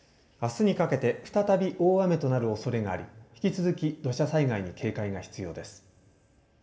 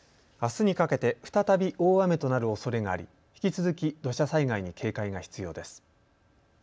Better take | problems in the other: second | room echo; dies away in 2.8 s

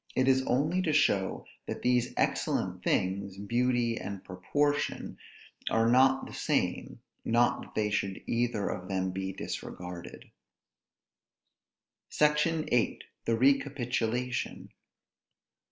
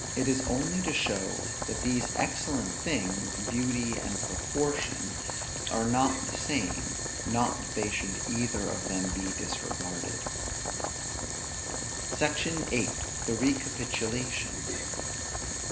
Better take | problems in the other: first | background sound (Boiling); as loud as the speech

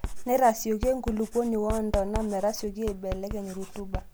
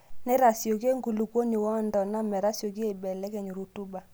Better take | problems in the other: second | background sound (Writing); 8 dB below the speech

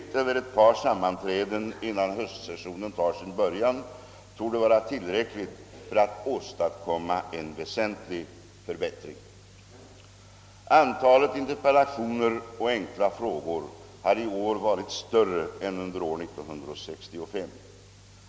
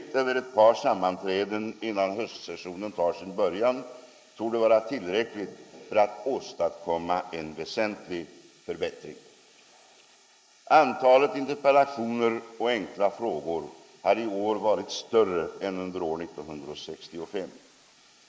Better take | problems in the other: first | noise reduction (neural mask model Resemble Enhance denoiser)

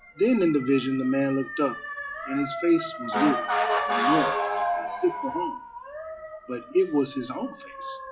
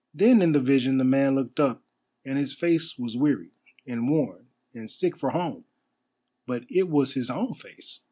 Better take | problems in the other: second | noise reduction (classical method WPE with log-MMSE)

